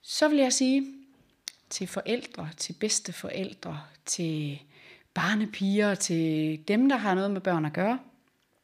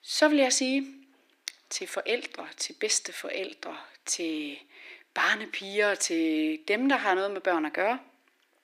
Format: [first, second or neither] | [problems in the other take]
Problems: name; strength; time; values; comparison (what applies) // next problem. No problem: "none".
first | thin; somewhat; fading below 300 Hz